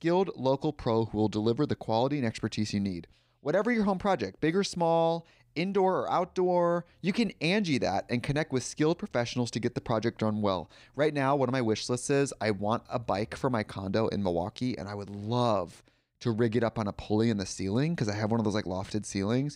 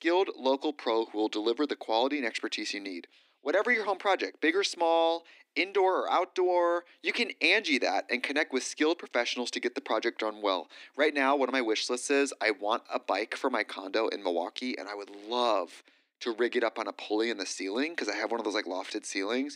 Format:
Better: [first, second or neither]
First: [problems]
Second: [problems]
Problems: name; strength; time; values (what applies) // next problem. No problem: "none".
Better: first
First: none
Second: thin; somewhat; fading below 250 Hz